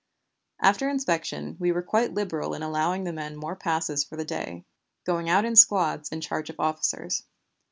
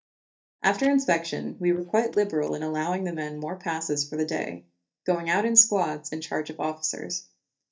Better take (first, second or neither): first